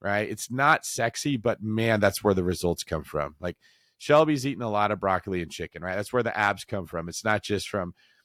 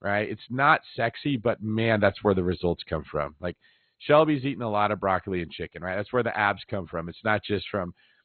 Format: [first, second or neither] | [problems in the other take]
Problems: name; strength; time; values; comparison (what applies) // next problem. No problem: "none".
first | garbled, watery; badly; nothing above 4 kHz